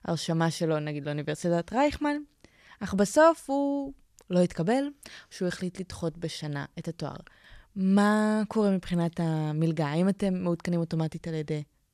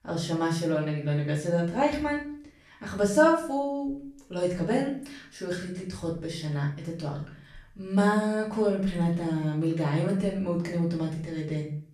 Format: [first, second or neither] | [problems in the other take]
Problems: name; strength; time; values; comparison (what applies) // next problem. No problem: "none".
first | off-mic speech; far // room echo; noticeable; dies away in 0.5 s